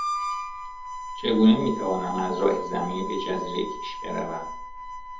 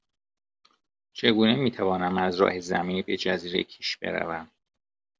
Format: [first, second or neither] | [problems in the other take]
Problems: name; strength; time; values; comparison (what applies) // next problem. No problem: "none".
second | background sound (Harmonica); 7 dB below the speech // room echo; dies away in 0.7 s